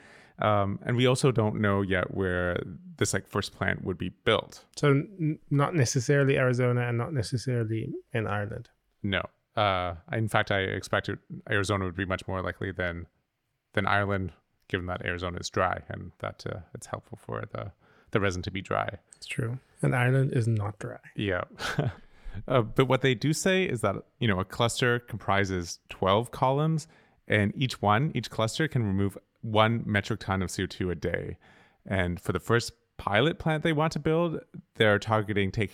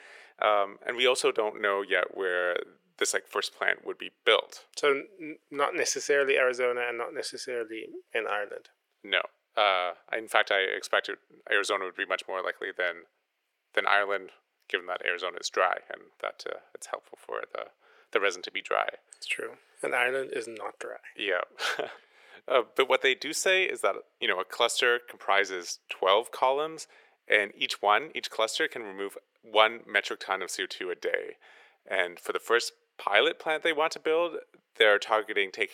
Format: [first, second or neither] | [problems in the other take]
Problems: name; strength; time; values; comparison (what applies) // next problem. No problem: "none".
first | thin; very; fading below 450 Hz